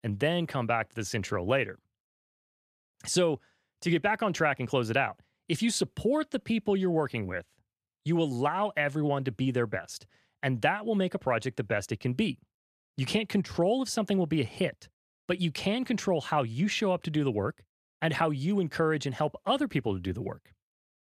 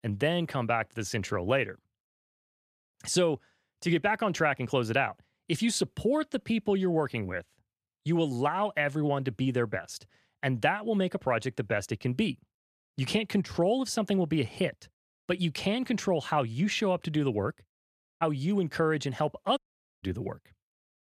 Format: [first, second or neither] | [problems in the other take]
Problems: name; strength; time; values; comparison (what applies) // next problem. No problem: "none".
first | audio cutting out; at 18 s and at 20 s